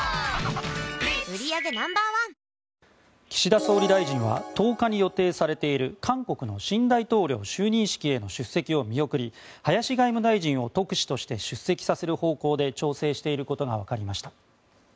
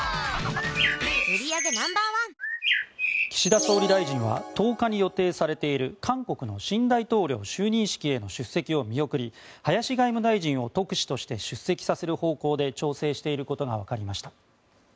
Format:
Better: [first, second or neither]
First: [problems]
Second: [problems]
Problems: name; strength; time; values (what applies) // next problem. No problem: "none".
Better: first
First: none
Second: background sound (Bird); 2 dB below the speech